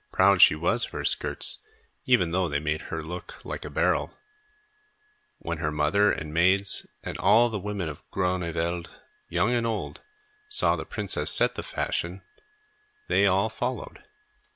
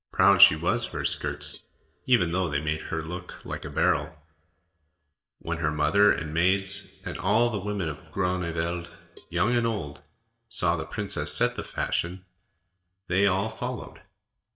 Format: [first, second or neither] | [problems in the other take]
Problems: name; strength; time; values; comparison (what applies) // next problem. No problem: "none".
first | noise reduction (neural mask model DeepFilterNet 3)